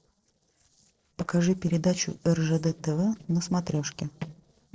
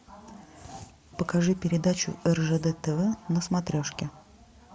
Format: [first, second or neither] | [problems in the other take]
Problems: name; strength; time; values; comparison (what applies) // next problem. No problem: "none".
second | noise reduction (neural separator model SepFormer DNS4)